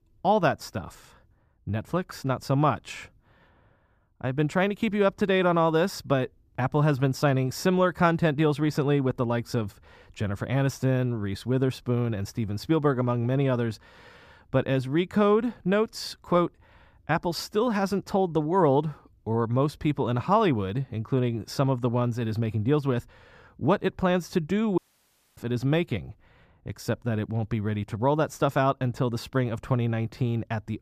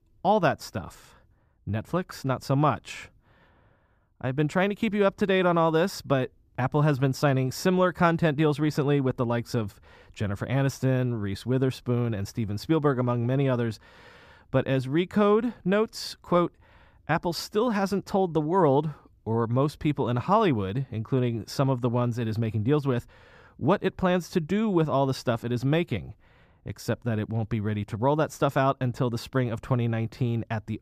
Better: second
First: audio cutting out; at 25 s for 0.5 s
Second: none

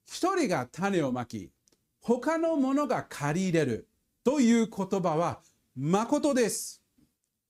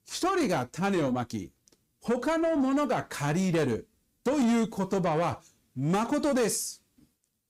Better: first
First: none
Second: distortion; slight; 10 dB below the speech

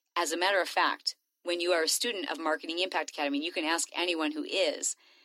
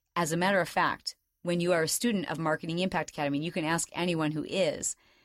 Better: second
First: thin; very slightly; fading below 250 Hz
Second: none

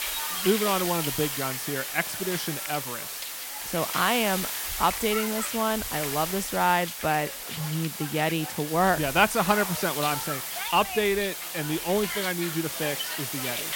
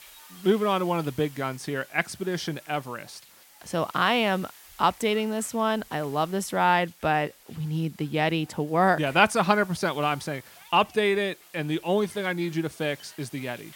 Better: second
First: hiss; loud; throughout; 3 dB below the speech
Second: hiss; faint; throughout; 25 dB below the speech

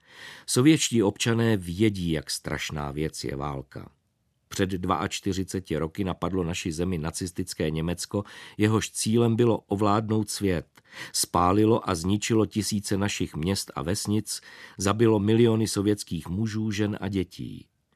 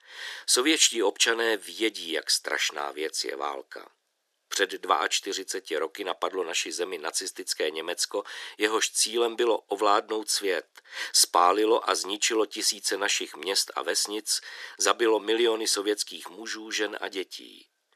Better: first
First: none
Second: thin; very; fading below 400 Hz

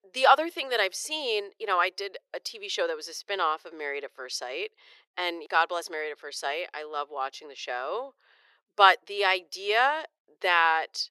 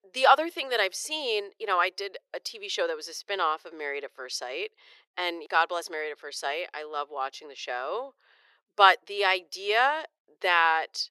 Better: neither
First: thin; very; fading below 400 Hz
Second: thin; very; fading below 400 Hz

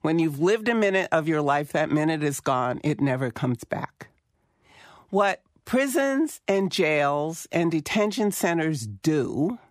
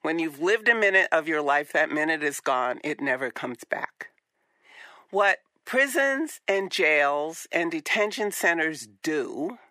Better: first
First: none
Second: thin; somewhat; fading below 450 Hz

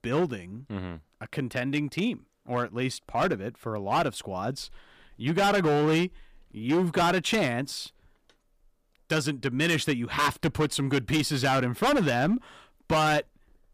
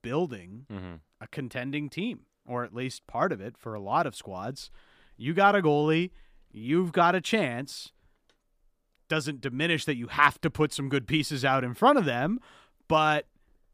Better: second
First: distortion; heavy; 9% of the sound clipped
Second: none

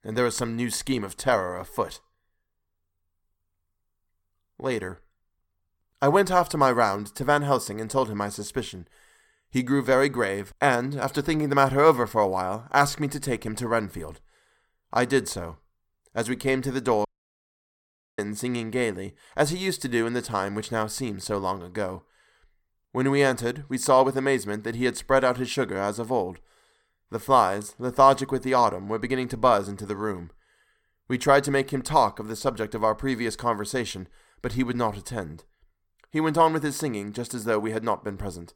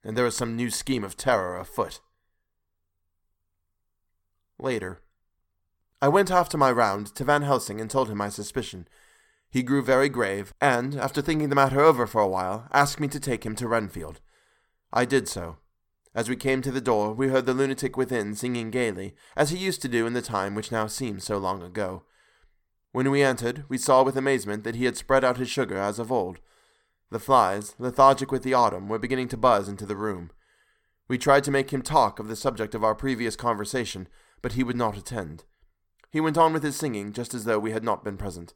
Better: second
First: audio cutting out; at 17 s for 1 s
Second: none

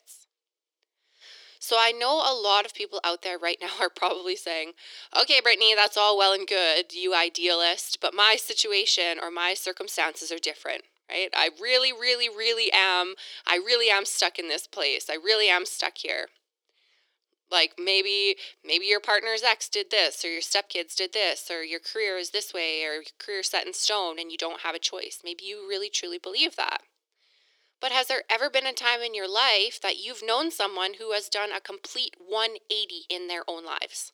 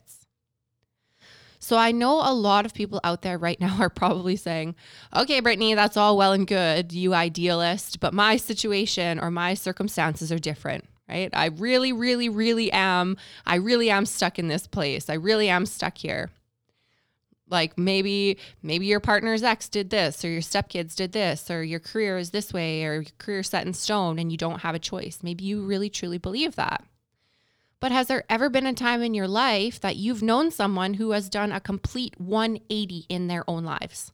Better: second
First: thin; very; fading below 350 Hz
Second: none

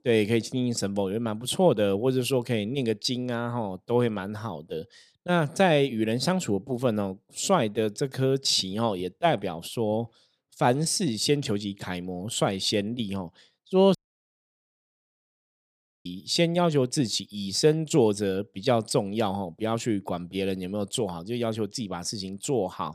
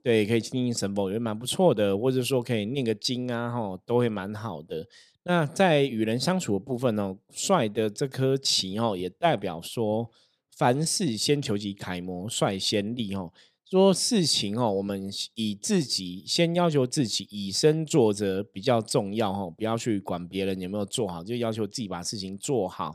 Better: second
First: audio cutting out; at 14 s for 2 s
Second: none

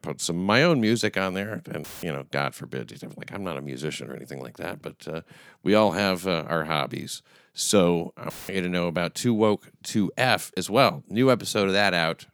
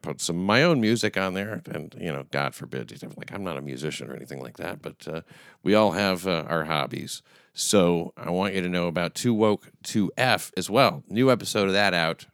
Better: second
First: audio cutting out; filled with static; at 2 s and at 8.5 s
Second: none

